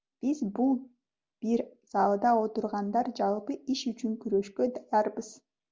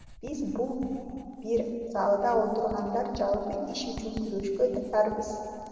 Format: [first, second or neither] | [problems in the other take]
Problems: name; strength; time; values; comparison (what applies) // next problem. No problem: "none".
first | background sound (Writing); 17 dB below the speech // room echo; dies away in 2.7 s